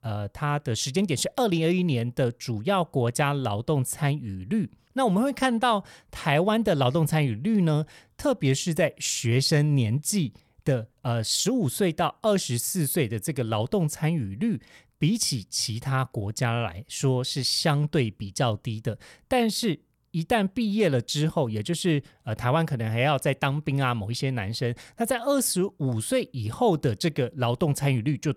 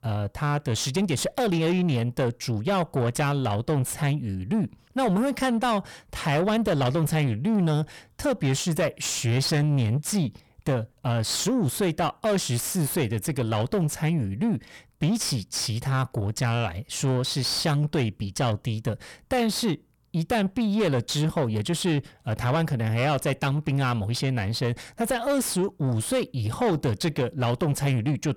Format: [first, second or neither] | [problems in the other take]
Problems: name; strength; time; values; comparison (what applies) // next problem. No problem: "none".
first | distortion; slight; 10 dB below the speech